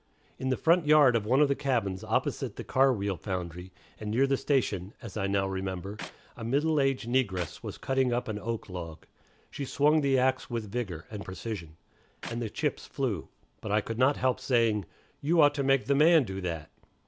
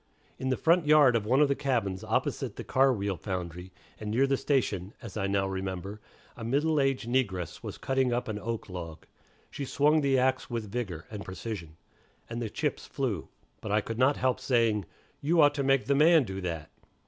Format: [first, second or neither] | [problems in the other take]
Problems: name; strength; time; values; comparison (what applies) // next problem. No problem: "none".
second | background sound (Clapping); 18 dB below the speech